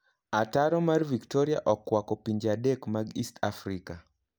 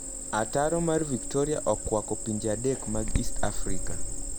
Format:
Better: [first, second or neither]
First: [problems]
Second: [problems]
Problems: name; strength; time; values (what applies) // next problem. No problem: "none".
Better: first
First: none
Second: background sound (Cricket); as loud as the speech